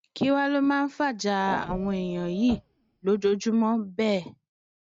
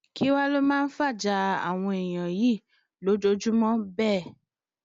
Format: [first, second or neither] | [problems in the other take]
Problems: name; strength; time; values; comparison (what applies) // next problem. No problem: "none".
second | noise reduction (neural mask model RNNoise)